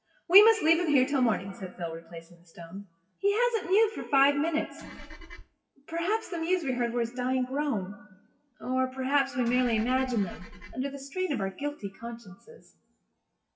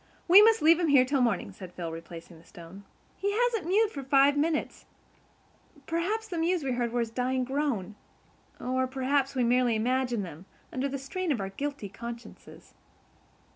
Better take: second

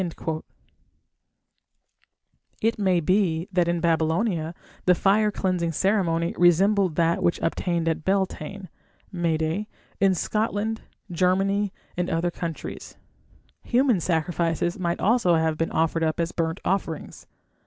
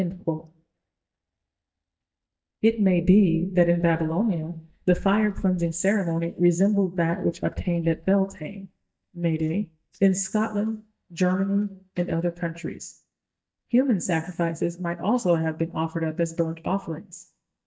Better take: first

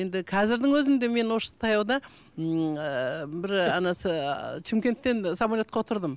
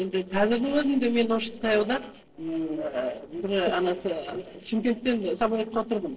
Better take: first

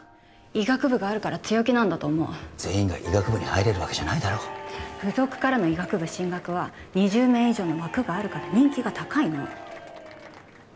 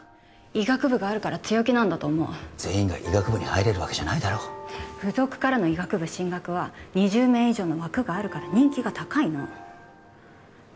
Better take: second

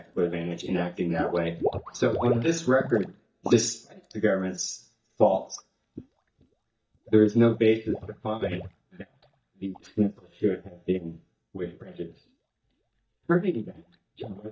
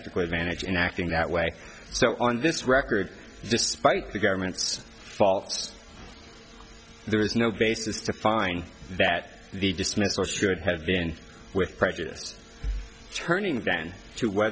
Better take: second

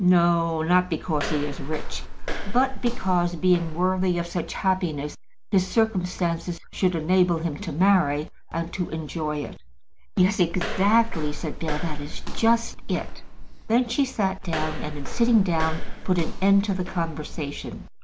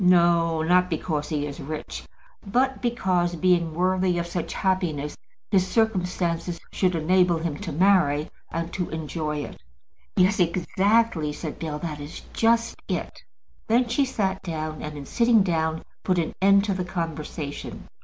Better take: second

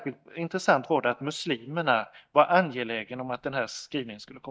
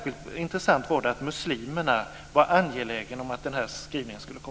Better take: second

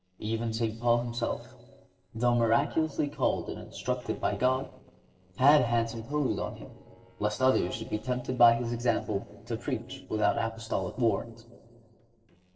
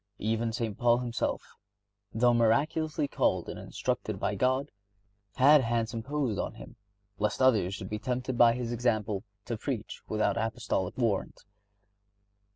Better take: second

